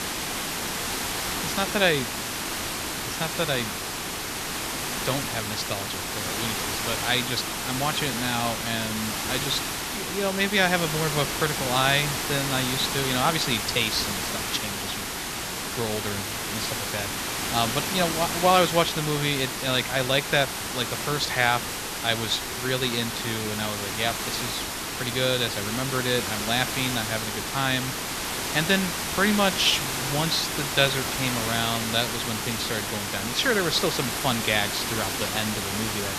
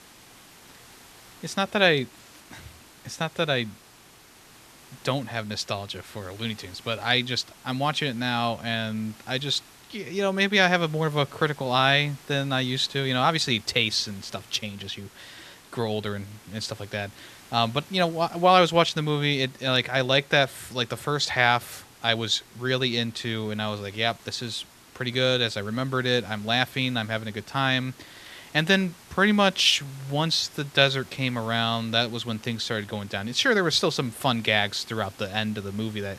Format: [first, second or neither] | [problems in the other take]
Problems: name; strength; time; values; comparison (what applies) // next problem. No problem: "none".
second | hiss; loud; throughout; 2 dB below the speech; faint in the second